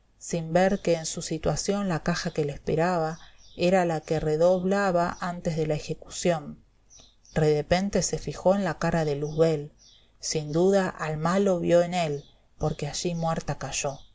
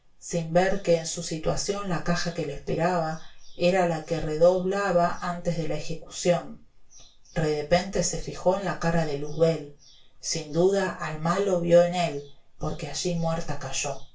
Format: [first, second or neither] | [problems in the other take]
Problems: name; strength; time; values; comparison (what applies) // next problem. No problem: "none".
first | room echo; dies away in 0.3 s